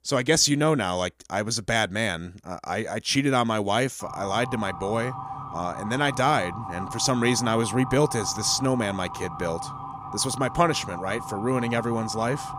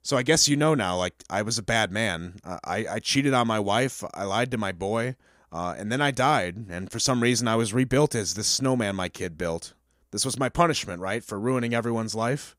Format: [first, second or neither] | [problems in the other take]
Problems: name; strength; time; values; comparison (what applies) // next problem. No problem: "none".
second | siren; noticeable; from 4 s on; peak 9 dB below the speech